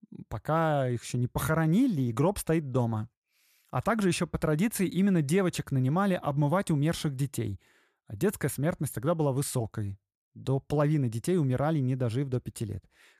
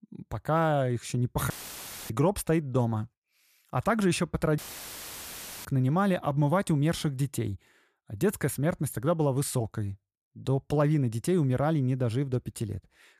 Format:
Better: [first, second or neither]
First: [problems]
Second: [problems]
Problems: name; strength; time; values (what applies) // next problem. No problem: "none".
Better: first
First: none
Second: audio cutting out; filled with static; at 1.5 s for 0.5 s and at 4.5 s for 1 s